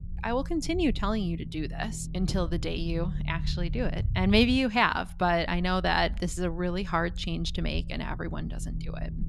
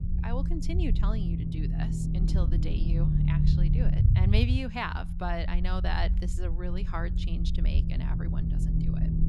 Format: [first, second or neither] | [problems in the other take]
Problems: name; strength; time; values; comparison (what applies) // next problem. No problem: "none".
first | low rumble; loud; throughout; 4 dB below the speech; faint in the first